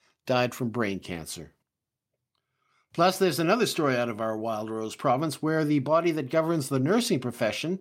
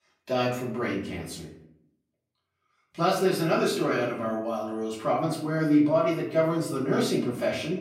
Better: first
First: none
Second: off-mic speech; far // room echo; noticeable; dies away in 0.6 s

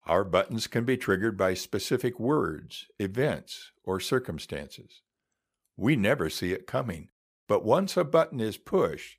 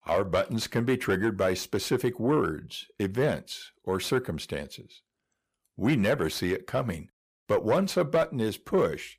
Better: first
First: none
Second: distortion; slight; 10 dB below the speech

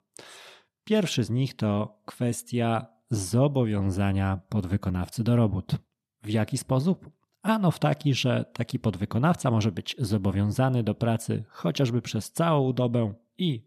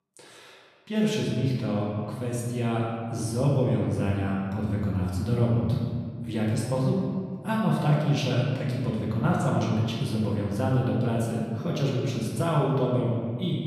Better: first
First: none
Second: off-mic speech; far // room echo; noticeable; dies away in 1.7 s

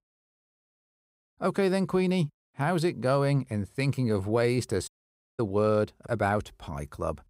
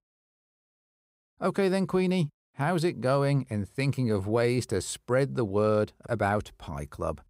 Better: second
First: audio cutting out; at 5 s for 0.5 s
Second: none

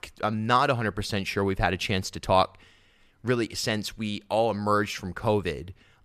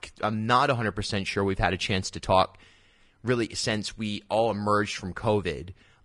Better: first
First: none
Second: garbled, watery; slightly; nothing above 10 kHz

